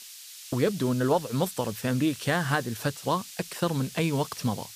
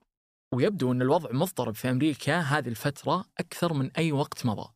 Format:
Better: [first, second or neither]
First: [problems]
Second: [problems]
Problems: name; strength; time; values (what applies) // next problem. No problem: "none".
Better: second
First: hiss; noticeable; throughout; 15 dB below the speech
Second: none